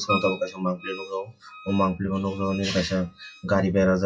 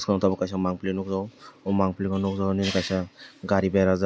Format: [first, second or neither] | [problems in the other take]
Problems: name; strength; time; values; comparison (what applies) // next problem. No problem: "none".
second | noise reduction (classical method WPE with log-MMSE)